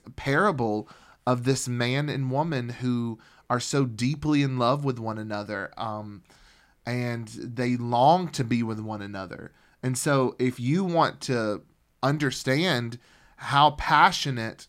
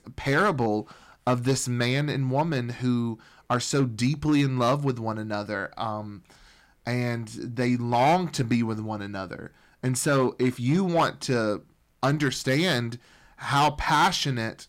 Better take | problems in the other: first | distortion; slight; 3% of the sound clipped

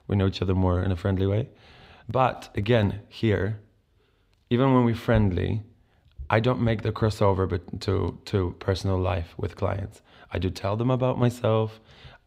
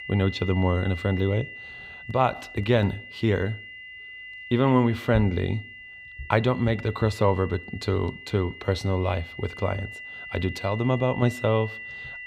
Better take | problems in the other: first | high-pitched whine; noticeable; throughout; 2 kHz, 15 dB below the speech

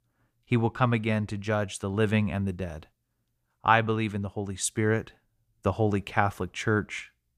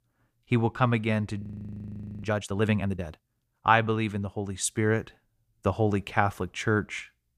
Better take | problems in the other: first | audio freezing; at 1.5 s for 1 s

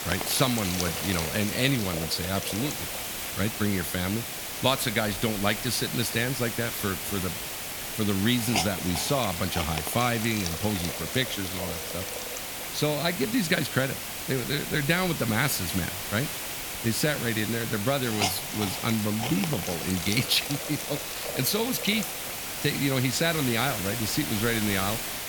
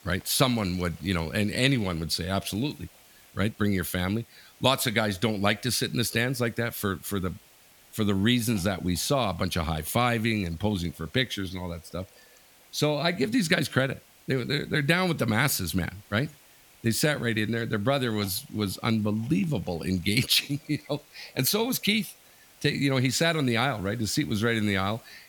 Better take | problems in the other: second | hiss; loud; throughout; 3 dB below the speech; faint in the second

